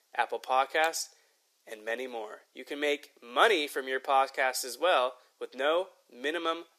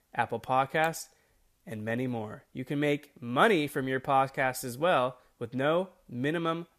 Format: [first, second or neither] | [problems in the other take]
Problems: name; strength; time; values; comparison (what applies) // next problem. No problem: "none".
second | thin; somewhat; fading below 350 Hz